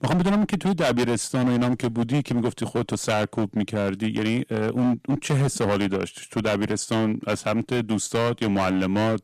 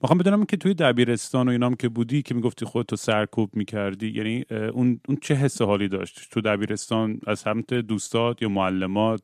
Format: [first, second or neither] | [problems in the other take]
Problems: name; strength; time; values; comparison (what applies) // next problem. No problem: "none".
second | distortion; heavy; 15% of the sound clipped